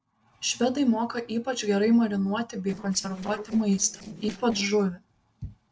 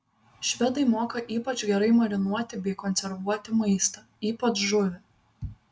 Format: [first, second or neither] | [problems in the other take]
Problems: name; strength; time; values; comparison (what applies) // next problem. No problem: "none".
second | noise reduction (neural separator model SepFormer DNS4)